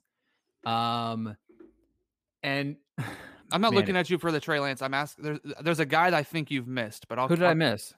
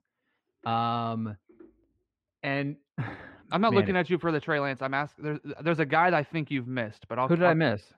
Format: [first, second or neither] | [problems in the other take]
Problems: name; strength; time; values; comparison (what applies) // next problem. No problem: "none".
first | muffled; slightly; fading above 2.5 kHz